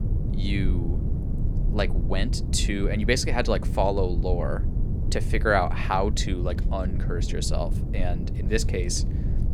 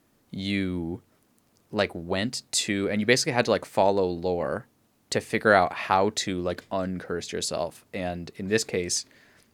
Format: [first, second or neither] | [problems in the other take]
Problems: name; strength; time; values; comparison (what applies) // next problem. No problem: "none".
second | low rumble; noticeable; throughout; 15 dB below the speech